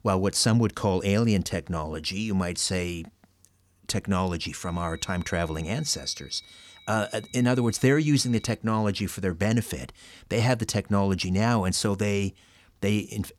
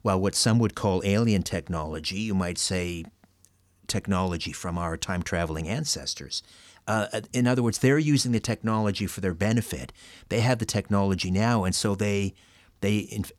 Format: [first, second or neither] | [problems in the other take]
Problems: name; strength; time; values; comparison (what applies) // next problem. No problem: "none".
second | high-pitched whine; faint; from 4.5 to 8.5 s; 4 kHz, 25 dB below the speech